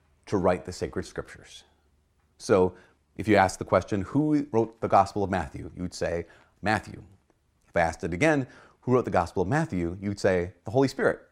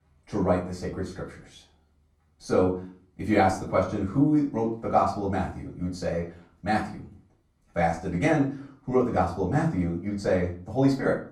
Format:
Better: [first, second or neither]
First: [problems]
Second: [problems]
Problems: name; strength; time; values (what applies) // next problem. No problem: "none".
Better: first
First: none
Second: off-mic speech; far // room echo; slight; dies away in 0.4 s